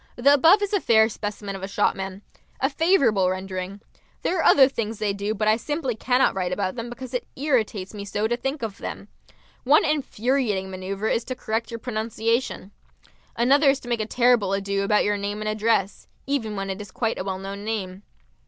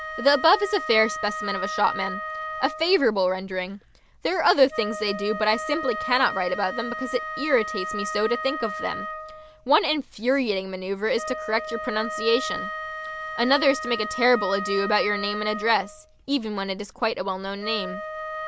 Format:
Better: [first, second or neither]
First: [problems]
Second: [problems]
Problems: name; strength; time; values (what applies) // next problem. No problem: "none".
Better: first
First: none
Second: background sound (Wind instrument, woodwind instrument); 8 dB below the speech